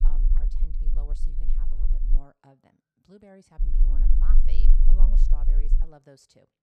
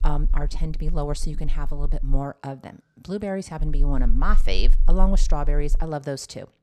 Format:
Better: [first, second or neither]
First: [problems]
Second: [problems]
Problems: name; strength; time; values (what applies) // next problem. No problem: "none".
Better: second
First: low rumble; loud; until 2 s and from 3.5 to 6 s; as loud as the speech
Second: low rumble; faint; until 2 s and from 3.5 to 6 s; 25 dB below the speech